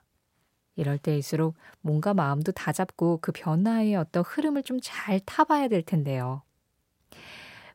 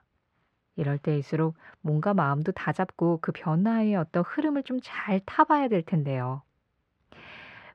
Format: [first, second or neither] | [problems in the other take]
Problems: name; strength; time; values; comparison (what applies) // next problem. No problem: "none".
first | muffled; slightly; fading above 2.5 kHz